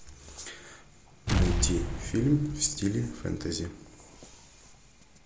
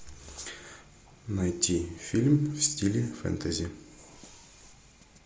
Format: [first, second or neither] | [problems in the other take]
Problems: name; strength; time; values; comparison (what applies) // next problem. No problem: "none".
second | background sound (Explosion); 2 dB below the speech